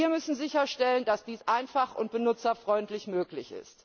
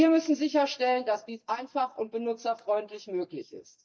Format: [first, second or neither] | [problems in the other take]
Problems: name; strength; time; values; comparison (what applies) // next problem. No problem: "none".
first | noise reduction (neural mask model DeepFilterNet 3)